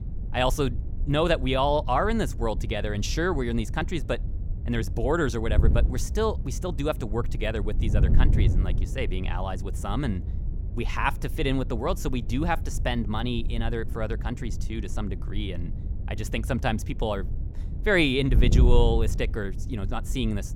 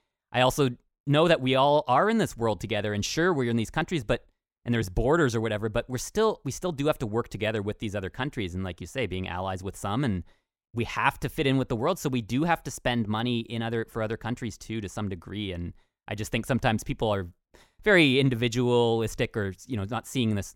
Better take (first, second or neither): second